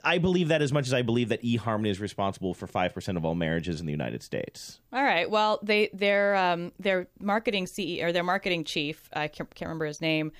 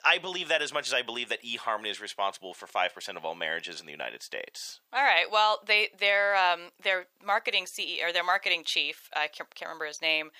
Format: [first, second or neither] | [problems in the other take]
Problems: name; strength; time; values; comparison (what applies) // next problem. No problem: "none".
first | thin; very; fading below 900 Hz